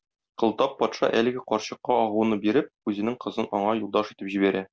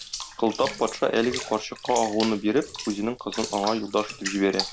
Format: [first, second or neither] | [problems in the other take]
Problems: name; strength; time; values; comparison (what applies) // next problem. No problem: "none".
first | background sound (Bathtub (filling or washing) / Water); 10 dB below the speech